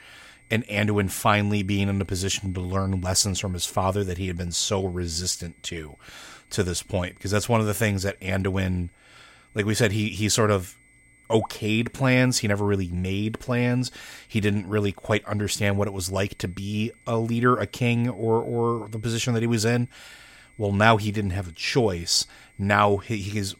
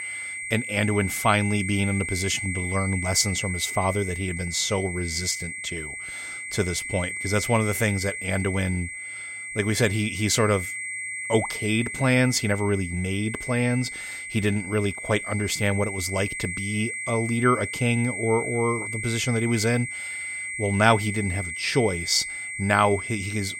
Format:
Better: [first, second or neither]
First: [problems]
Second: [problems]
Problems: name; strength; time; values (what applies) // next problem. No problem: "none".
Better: first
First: high-pitched whine; faint; throughout; 2 kHz, 30 dB below the speech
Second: high-pitched whine; loud; throughout; 2 kHz, 6 dB below the speech